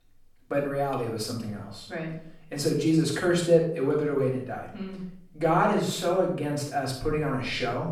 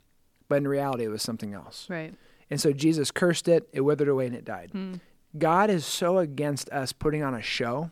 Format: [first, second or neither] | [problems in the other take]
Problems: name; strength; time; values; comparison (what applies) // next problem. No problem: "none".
second | room echo; noticeable; dies away in 0.5 s // off-mic speech; far